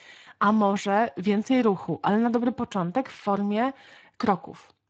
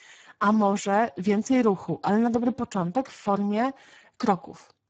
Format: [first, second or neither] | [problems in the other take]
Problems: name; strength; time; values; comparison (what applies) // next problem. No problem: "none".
first | garbled, watery; badly; nothing above 7.5 kHz; slightly in the first